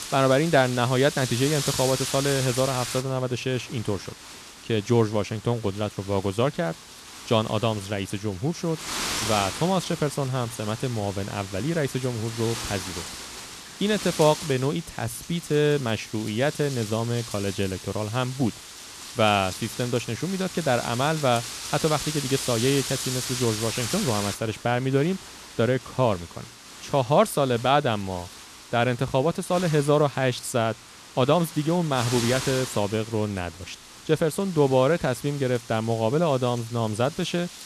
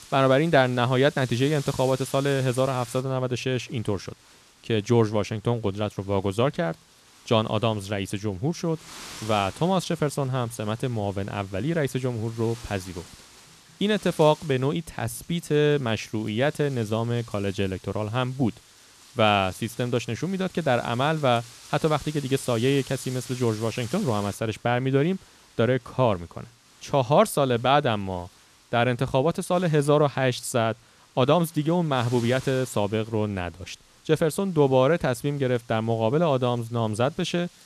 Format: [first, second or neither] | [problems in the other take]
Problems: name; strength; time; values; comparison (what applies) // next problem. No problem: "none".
second | wind noise on the microphone; heavy; 9 dB below the speech; occasional gusts in the second